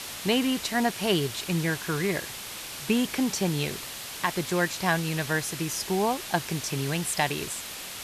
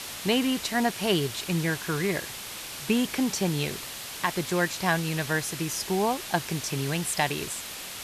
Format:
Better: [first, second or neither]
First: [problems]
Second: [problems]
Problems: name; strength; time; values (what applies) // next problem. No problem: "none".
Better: neither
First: hiss; loud; throughout; 8 dB below the speech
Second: hiss; loud; throughout; 8 dB below the speech